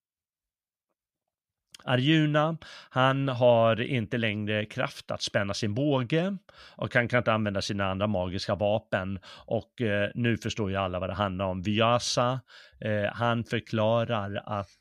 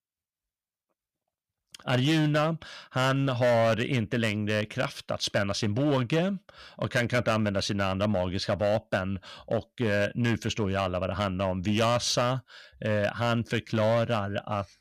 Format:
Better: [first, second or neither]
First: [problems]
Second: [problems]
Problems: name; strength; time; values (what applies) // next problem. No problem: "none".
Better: first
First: none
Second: distortion; slight; 7% of the sound clipped